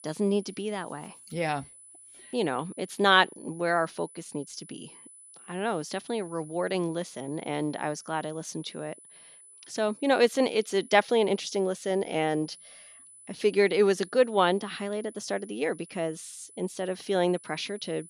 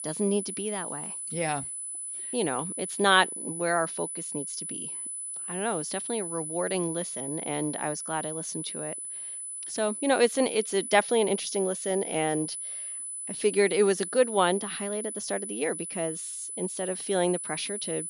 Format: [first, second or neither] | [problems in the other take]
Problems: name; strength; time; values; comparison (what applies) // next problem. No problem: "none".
first | high-pitched whine; loud; throughout; 10 kHz, 5 dB below the speech; faint in the first